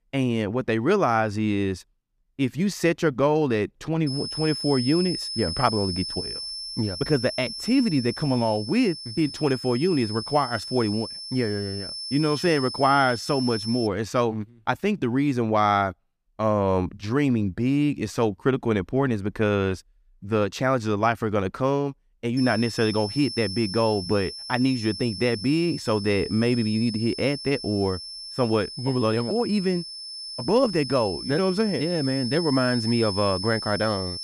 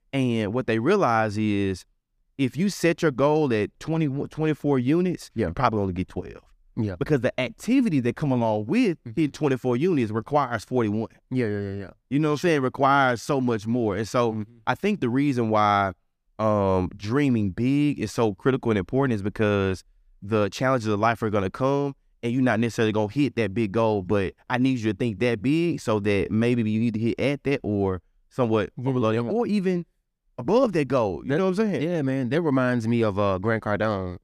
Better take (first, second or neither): second